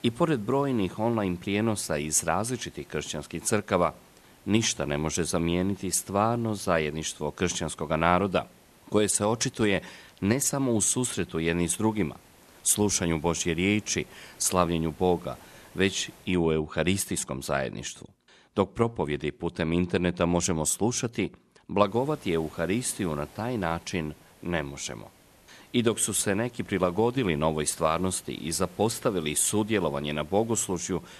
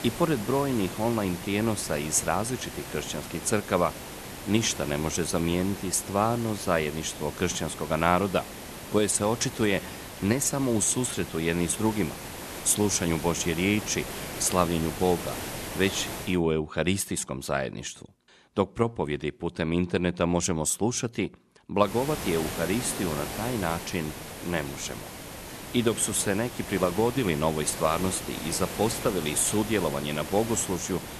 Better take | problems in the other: first | hiss; loud; until 16 s and from 22 s on; 10 dB below the speech; faint in the first

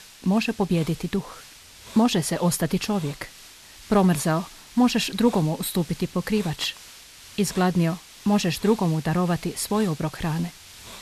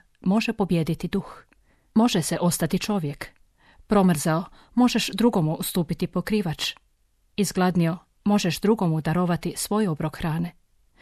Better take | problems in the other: second | hiss; noticeable; throughout; 20 dB below the speech

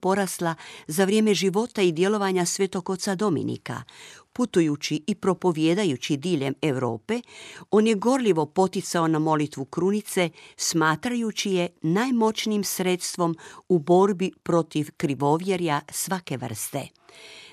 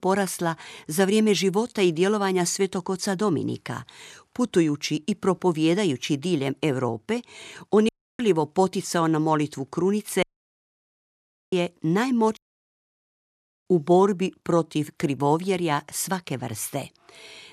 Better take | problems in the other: first | audio cutting out; at 8 s, at 10 s for 1.5 s and at 12 s for 1.5 s

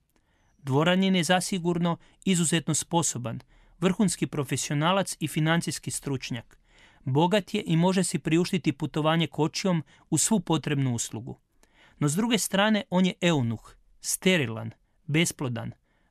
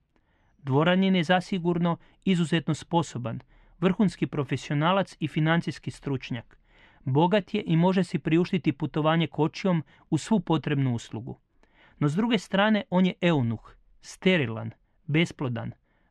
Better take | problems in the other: first | muffled; slightly; fading above 3 kHz

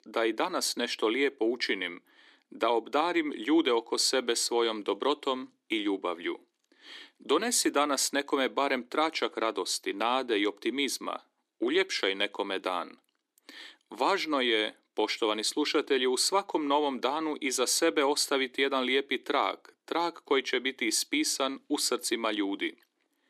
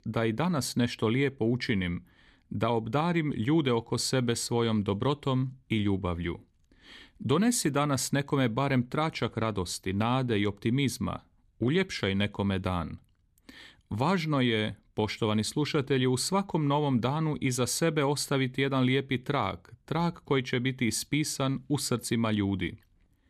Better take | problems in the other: second | thin; somewhat; fading below 300 Hz

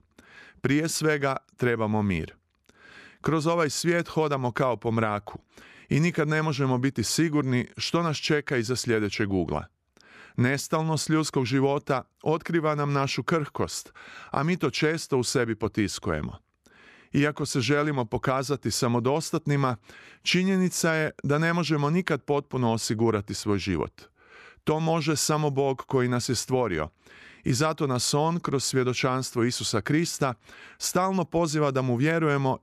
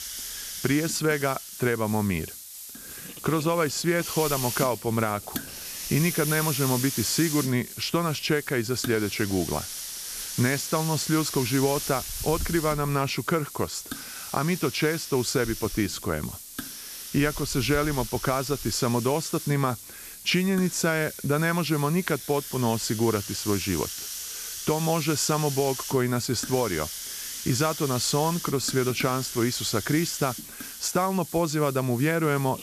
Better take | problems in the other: first | hiss; loud; throughout; 8 dB below the speech

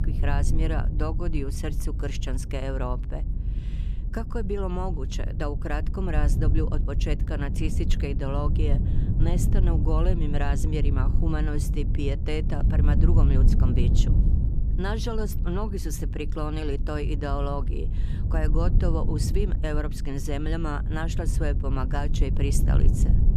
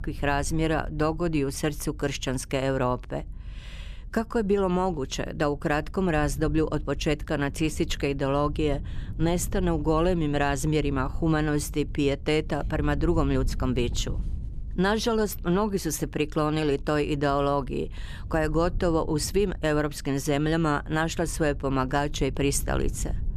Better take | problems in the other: second | low rumble; loud; throughout; 7 dB below the speech; faint in the second

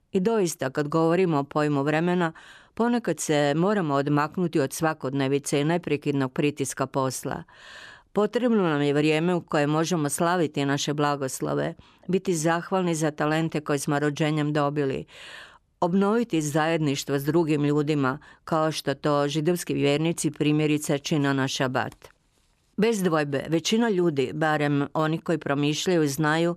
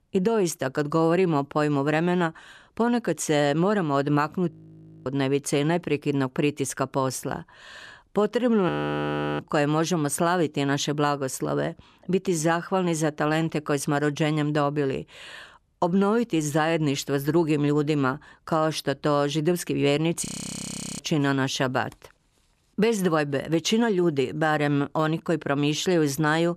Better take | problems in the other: first | audio freezing; at 4.5 s for 0.5 s, at 8.5 s for 0.5 s and at 20 s for 0.5 s

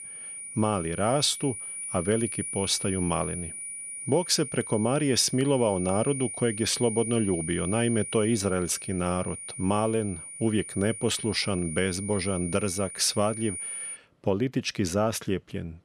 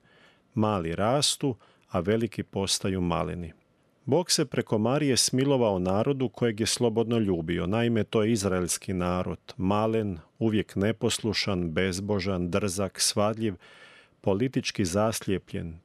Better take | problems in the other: second | high-pitched whine; loud; until 14 s; 9.5 kHz, 8 dB below the speech

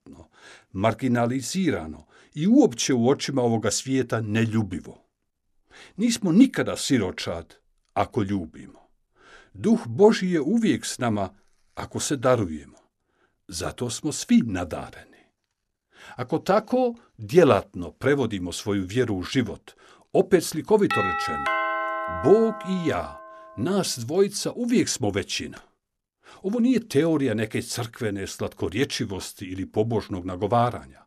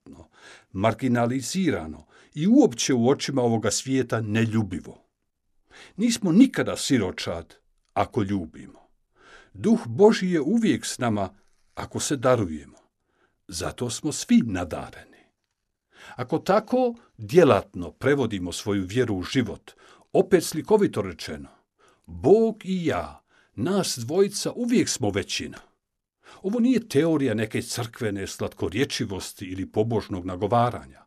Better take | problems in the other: second | doorbell; noticeable; from 21 to 23 s; peak level with the speech

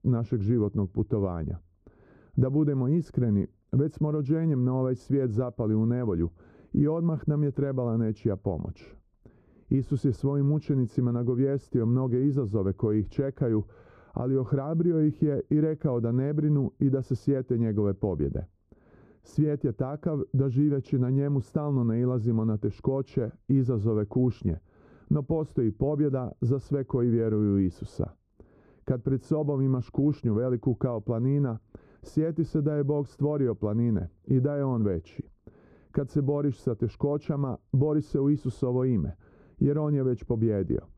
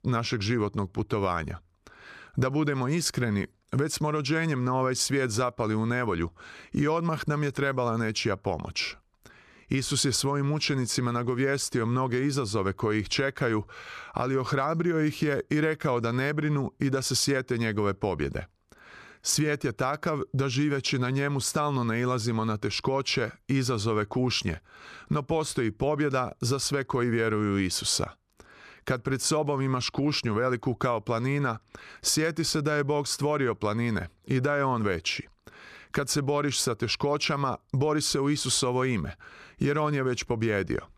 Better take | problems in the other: second | muffled; very; fading above 1 kHz

